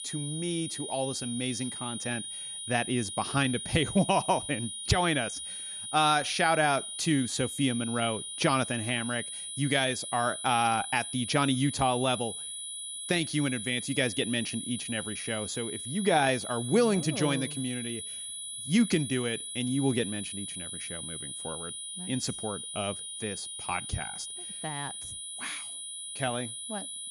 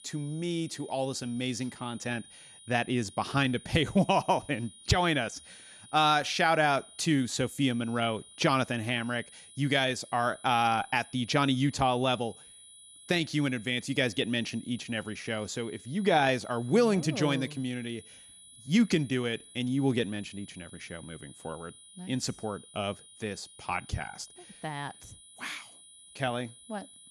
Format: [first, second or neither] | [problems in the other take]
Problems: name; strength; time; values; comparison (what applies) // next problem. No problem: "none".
second | high-pitched whine; loud; throughout; 10 kHz, 6 dB below the speech; faint in the second